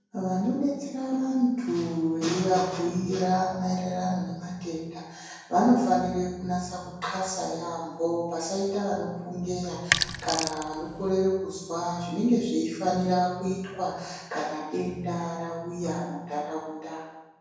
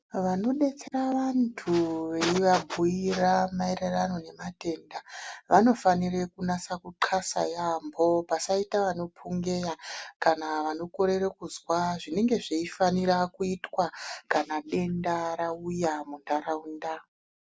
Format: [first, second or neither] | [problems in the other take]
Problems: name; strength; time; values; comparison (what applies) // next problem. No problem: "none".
second | background sound (Sink (filling or washing)); 2 dB below the speech // room echo; dies away in 1 s